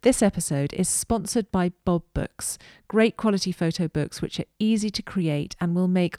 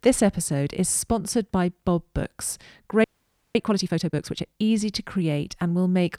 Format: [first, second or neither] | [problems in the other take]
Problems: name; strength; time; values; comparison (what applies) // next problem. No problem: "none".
first | audio freezing; at 3 s for 0.5 s